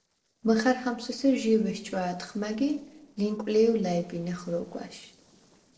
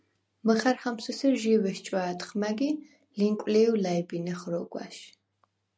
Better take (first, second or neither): second